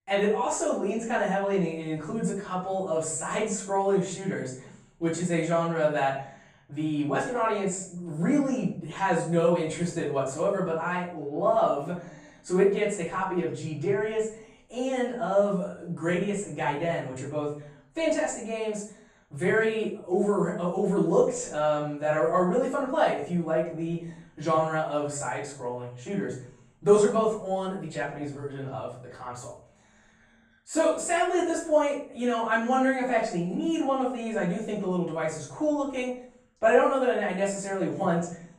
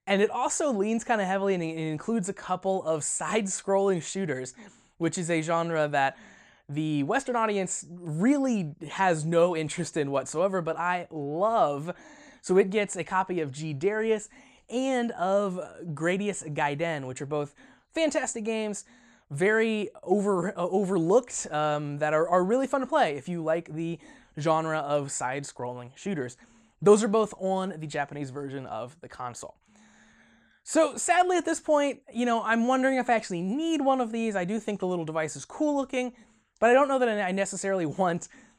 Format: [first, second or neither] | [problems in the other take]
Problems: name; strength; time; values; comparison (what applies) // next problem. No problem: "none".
second | room echo; noticeable; dies away in 0.5 s // off-mic speech; far